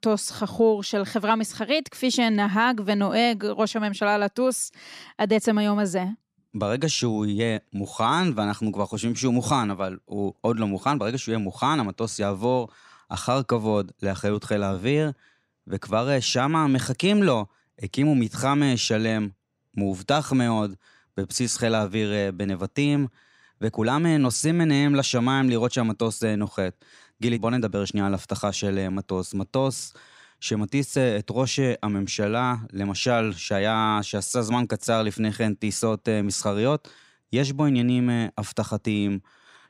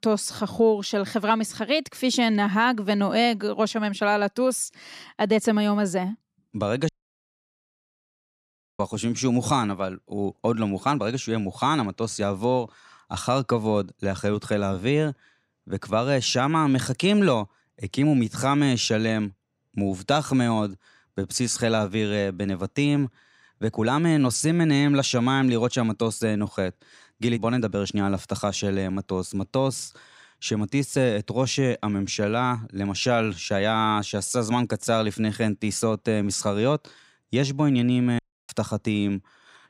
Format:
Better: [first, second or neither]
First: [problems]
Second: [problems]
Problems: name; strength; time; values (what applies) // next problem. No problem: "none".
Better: first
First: none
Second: audio cutting out; at 7 s for 2 s and at 38 s